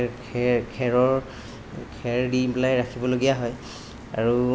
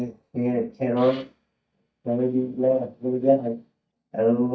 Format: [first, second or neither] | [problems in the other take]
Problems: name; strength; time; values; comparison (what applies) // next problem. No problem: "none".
first | noise reduction (neural mask model DeepFilterNet 3)